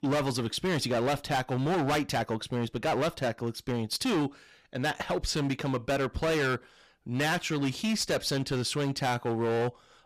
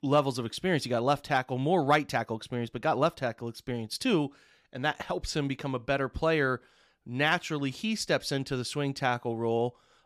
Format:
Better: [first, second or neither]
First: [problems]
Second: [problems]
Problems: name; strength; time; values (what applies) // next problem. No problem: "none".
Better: second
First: distortion; heavy; 19% of the sound clipped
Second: none